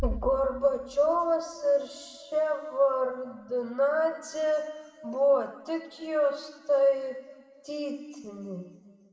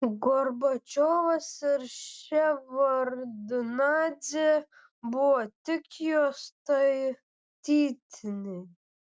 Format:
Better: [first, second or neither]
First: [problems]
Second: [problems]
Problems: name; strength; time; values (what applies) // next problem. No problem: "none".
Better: second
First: background sound (Bass drum); 16 dB below the speech // room echo; dies away in 1.7 s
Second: none